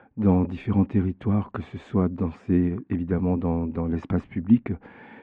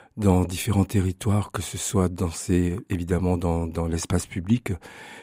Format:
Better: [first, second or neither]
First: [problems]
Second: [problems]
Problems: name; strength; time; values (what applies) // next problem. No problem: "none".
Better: second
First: muffled; very; fading above 2 kHz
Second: none